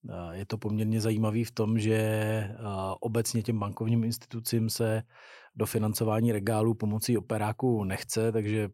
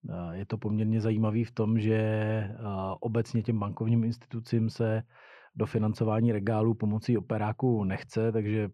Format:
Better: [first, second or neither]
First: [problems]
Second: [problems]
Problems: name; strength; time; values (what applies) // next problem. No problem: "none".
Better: first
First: none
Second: muffled; slightly; fading above 2.5 kHz